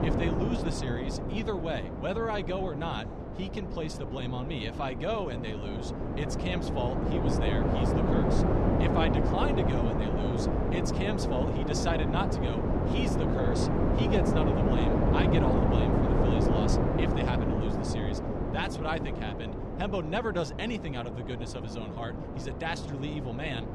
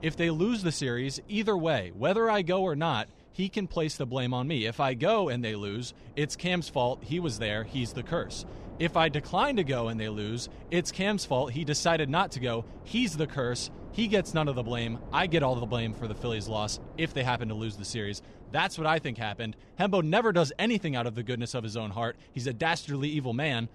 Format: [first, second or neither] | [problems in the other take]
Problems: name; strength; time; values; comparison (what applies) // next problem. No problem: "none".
second | wind noise on the microphone; heavy; 2 dB above the speech; occasional gusts in the second